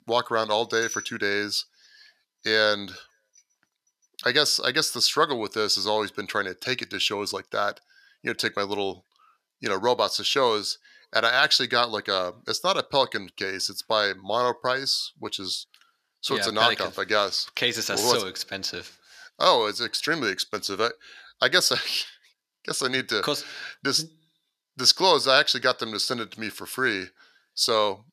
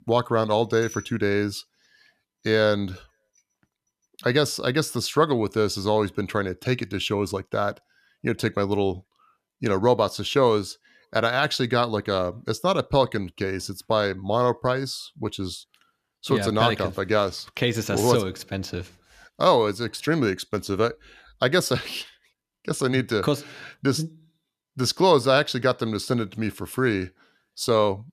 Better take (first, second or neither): second